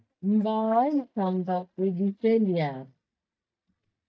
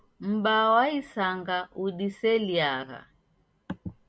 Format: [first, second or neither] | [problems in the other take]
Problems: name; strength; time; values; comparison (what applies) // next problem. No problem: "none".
second | noise reduction (neural mask model DeepFilterNet 3)